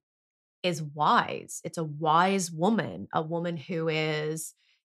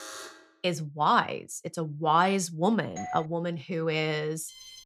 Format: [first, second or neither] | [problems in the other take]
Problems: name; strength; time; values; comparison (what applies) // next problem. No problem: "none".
first | alarm; faint; at the start; peak 10 dB below the speech // doorbell; noticeable; at 3 s; peak 10 dB below the speech // alarm; very faint; at 4.5 s; peak 15 dB below the speech